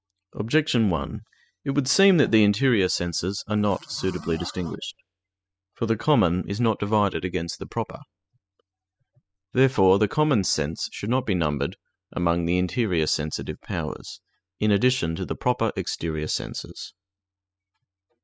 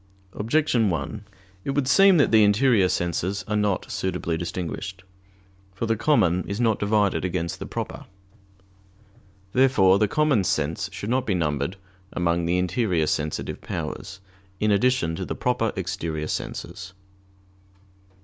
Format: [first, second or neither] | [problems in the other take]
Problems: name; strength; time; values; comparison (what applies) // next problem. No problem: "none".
second | noise reduction (classical method spectral subtraction)